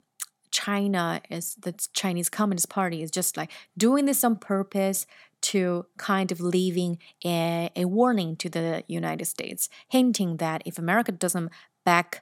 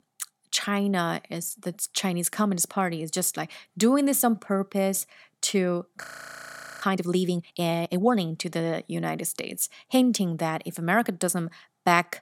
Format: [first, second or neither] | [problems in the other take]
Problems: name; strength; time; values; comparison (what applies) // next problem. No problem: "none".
first | audio freezing; at 6 s for 1 s